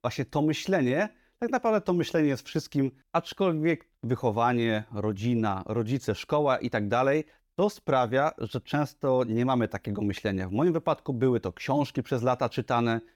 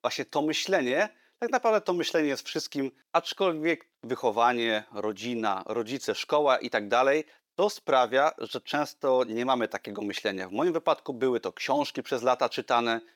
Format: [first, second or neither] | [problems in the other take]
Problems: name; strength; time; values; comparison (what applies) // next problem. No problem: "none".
first | thin; somewhat; fading below 400 Hz